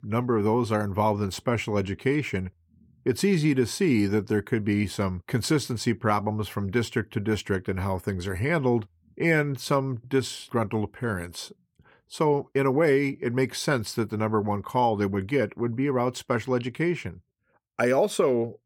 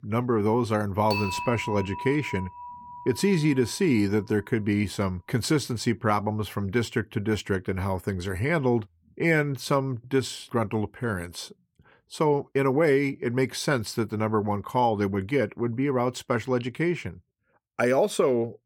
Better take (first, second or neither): first